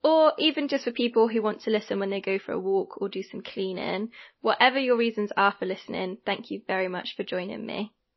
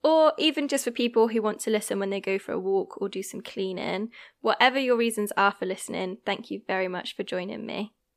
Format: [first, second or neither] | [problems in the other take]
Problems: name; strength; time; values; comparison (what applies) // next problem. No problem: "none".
second | garbled, watery; slightly; nothing above 5.5 kHz